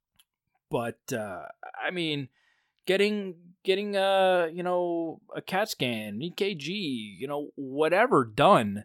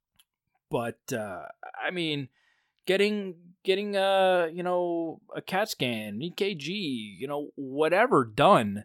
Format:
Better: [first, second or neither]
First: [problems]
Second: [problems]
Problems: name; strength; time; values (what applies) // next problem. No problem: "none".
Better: neither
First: none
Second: none